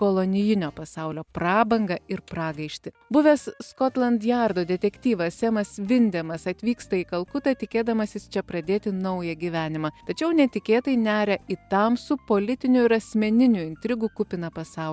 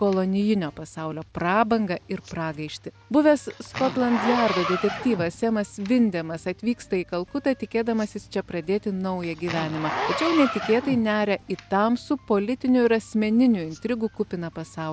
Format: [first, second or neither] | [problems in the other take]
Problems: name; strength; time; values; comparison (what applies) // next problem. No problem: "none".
first | background sound (Zipper (clothing)); 12 dB below the speech